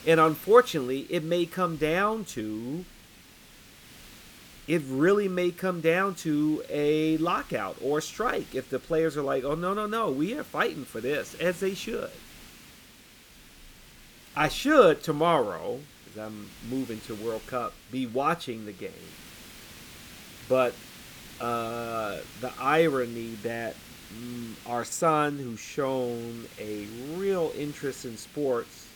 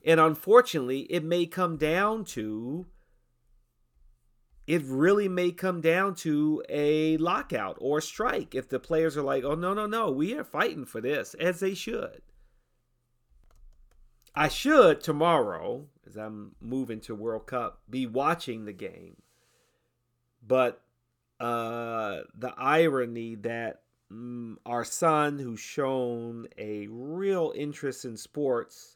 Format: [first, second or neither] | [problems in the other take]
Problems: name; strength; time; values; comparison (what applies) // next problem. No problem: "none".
second | hiss; noticeable; throughout; 20 dB below the speech